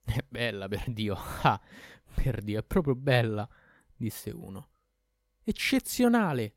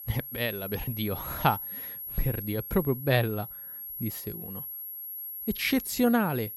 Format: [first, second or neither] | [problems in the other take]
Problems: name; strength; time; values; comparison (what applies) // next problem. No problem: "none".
first | high-pitched whine; loud; throughout; 11.5 kHz, 7 dB below the speech